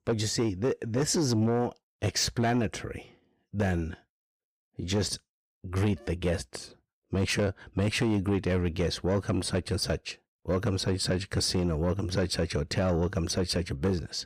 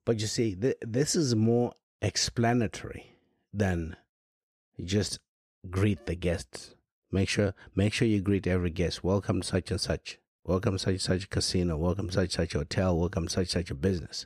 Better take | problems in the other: second | distortion; slight; 10 dB below the speech

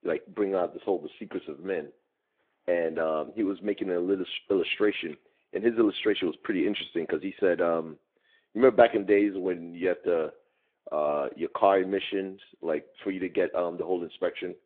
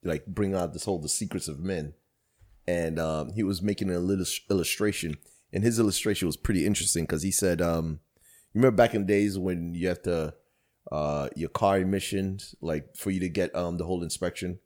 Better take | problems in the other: second | phone-call audio; nothing above 3.5 kHz

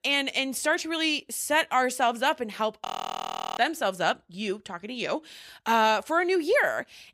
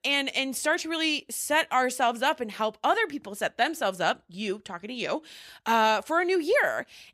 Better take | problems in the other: second | audio freezing; at 3 s for 0.5 s

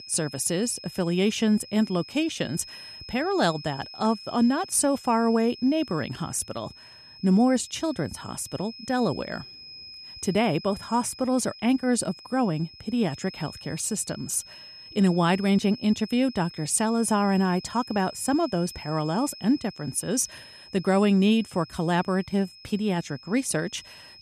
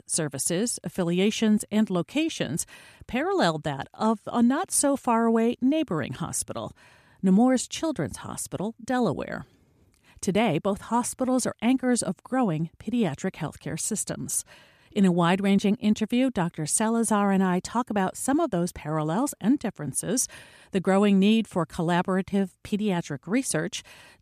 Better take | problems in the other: second | high-pitched whine; noticeable; throughout; 5 kHz, 15 dB below the speech

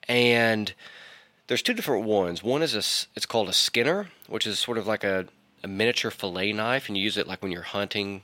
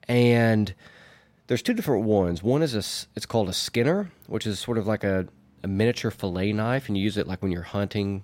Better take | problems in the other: second | thin; somewhat; fading below 600 Hz

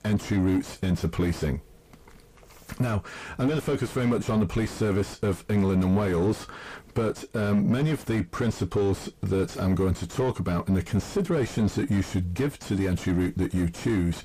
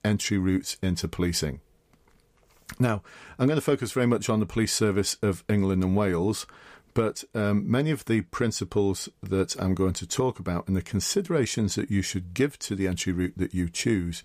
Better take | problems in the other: second | distortion; heavy; 6 dB below the speech

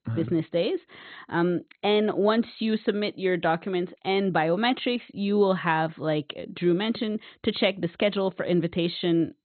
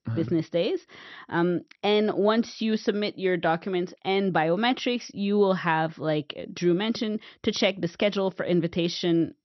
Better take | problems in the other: second | garbled, watery; badly; nothing above 4 kHz; slightly in the second

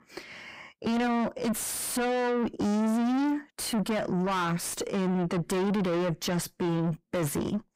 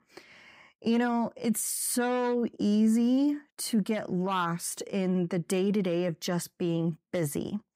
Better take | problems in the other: second | distortion; heavy; 7 dB below the speech

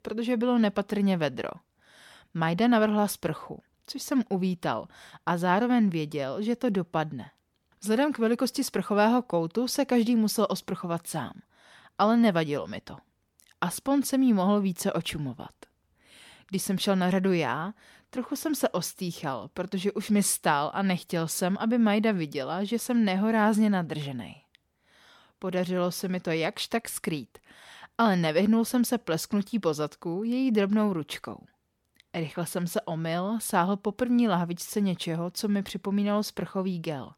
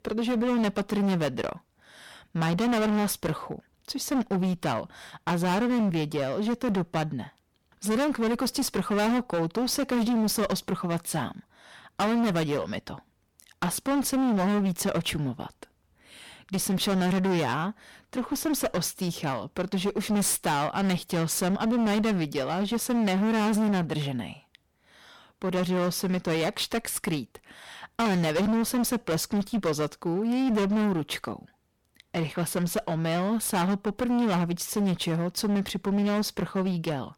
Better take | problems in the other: first | distortion; heavy; 21% of the sound clipped

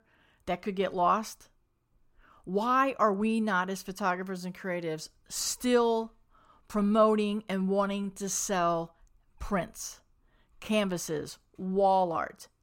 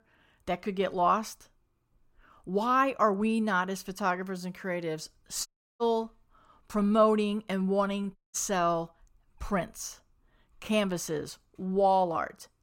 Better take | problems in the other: first | audio cutting out; at 5.5 s and at 8 s

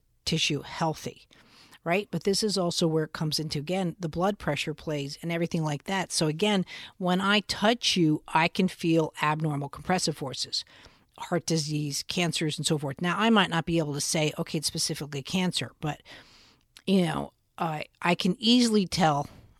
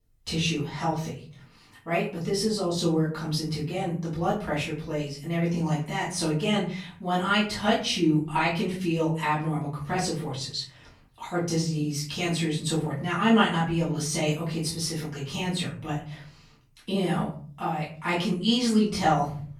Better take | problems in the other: first | off-mic speech; far // room echo; slight; dies away in 0.5 s

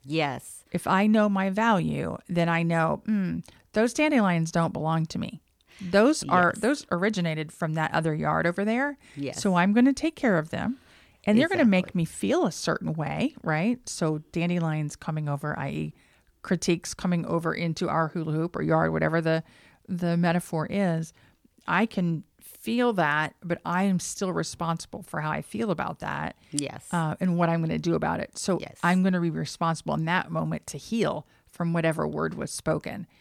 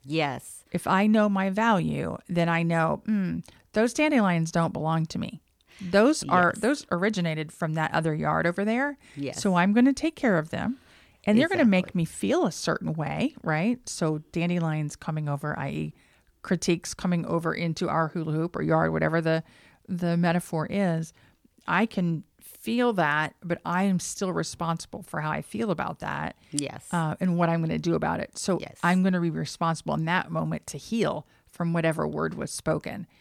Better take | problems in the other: neither | none

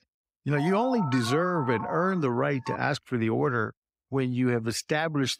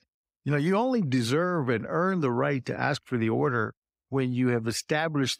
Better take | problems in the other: second | phone ringing; noticeable; from 0.5 to 3 s; peak 7 dB below the speech

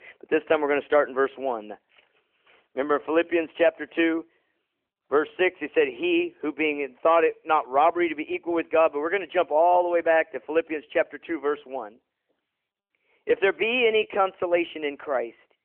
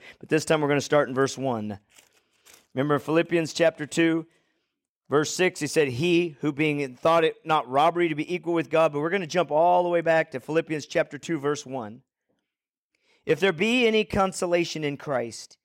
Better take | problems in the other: second | phone-call audio; nothing above 3 kHz

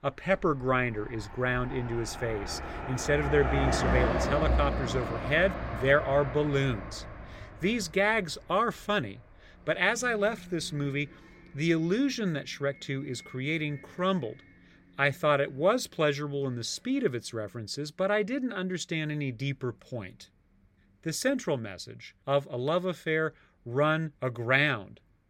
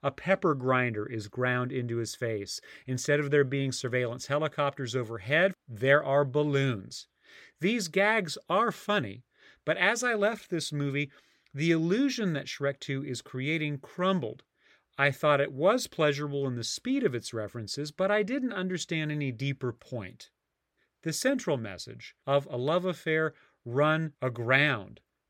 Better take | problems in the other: second | traffic noise; loud; throughout; 5 dB below the speech

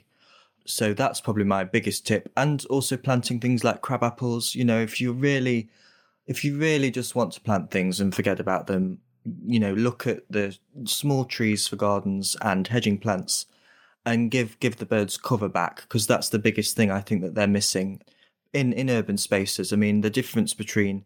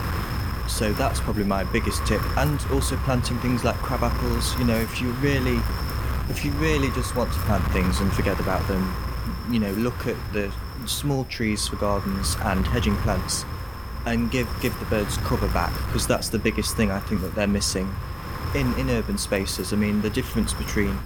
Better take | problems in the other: first | wind noise on the microphone; heavy; 5 dB below the speech

